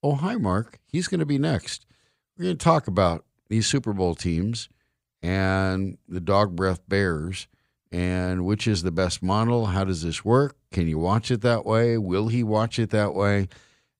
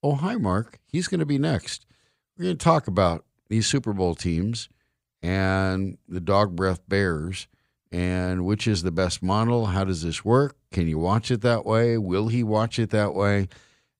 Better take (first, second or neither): neither